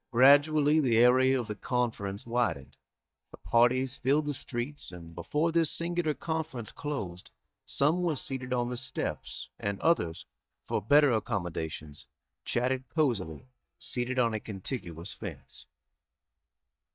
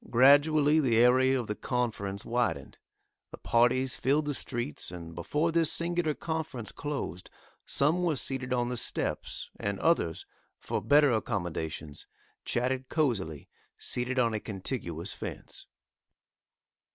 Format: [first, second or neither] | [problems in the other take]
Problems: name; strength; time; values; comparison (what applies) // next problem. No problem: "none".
second | noise reduction (neural mask model DeepFilterNet 3)